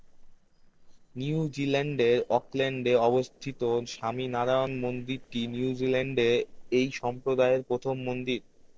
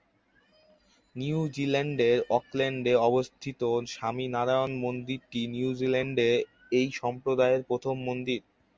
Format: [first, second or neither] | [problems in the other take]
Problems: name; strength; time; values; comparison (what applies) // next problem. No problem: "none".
second | noise reduction (neural separator model SepFormer DNS4)